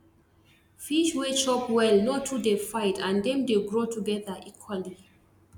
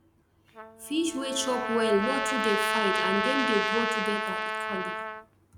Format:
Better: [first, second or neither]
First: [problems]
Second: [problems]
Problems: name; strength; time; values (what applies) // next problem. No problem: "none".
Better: first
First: none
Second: background sound (Trumpet); as loud as the speech